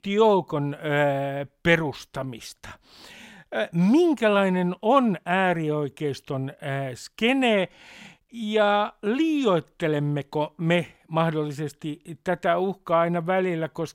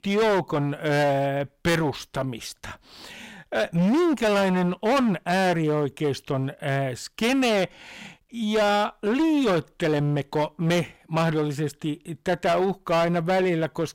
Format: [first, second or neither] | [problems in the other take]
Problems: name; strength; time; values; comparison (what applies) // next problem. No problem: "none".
first | distortion; heavy; 17% of the sound clipped